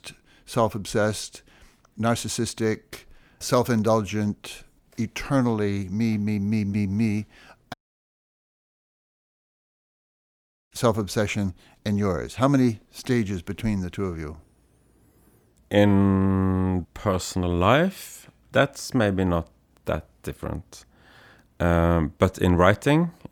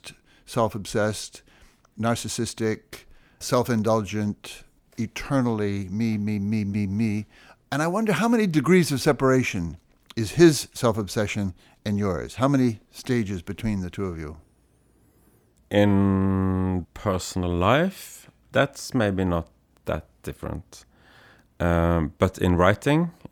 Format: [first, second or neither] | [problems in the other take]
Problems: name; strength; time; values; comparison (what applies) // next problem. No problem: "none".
second | audio cutting out; at 7.5 s for 3 s